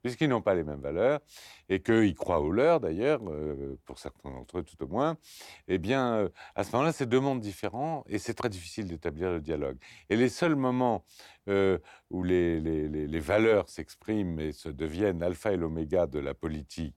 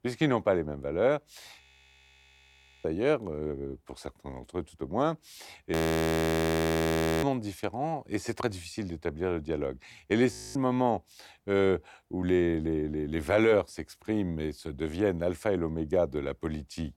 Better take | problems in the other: first | audio freezing; at 1.5 s for 1 s, at 5.5 s for 1.5 s and at 10 s

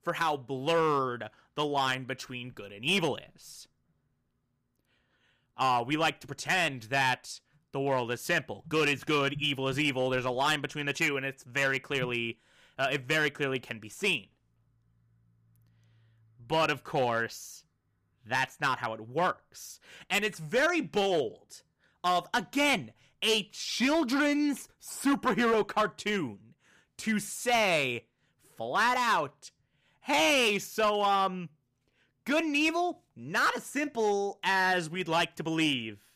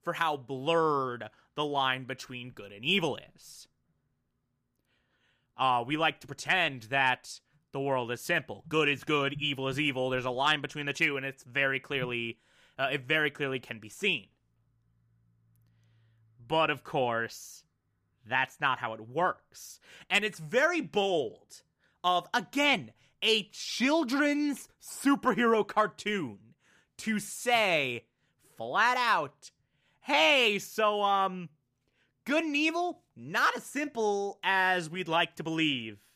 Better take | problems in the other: second | distortion; slight; 4% of the sound clipped

